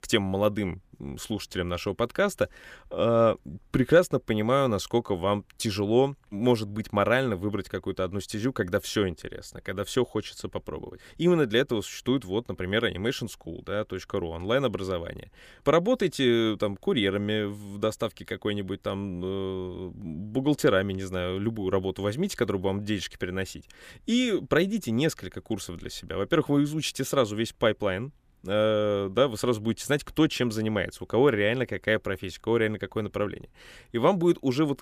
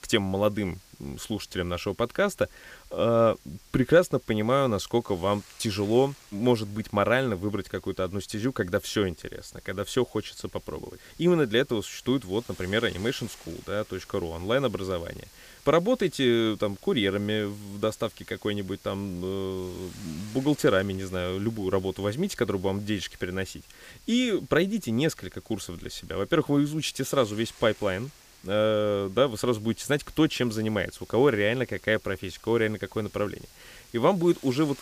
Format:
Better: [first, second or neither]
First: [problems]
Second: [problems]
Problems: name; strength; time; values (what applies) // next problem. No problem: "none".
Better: first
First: none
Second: hiss; faint; throughout; 25 dB below the speech